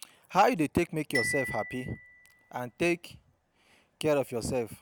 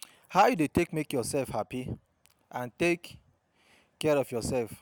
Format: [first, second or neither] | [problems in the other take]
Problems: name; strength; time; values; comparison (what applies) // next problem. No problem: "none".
second | background sound (Glockenspiel); 9 dB below the speech